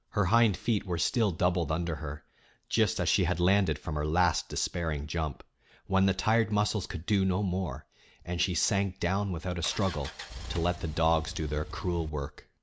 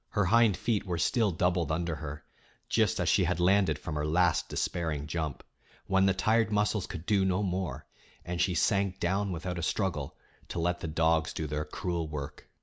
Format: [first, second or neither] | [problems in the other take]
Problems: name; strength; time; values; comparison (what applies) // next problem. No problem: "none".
second | background sound (Engine); 12 dB below the speech